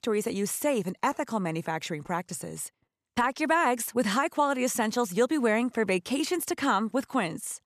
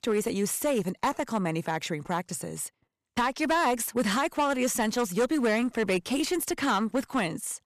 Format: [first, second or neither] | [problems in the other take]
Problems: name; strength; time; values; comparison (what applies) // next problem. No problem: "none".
first | distortion; slight; 9% of the sound clipped